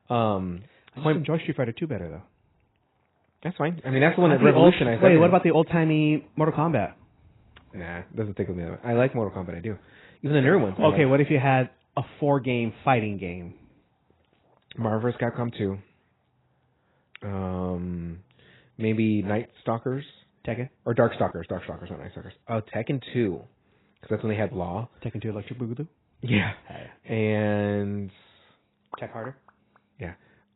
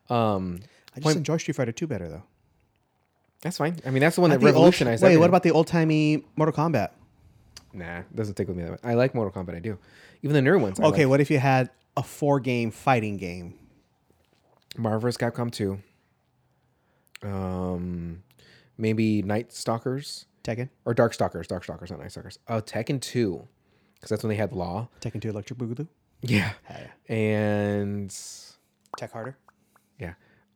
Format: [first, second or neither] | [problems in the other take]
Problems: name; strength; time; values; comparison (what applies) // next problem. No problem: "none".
second | garbled, watery; badly; nothing above 4 kHz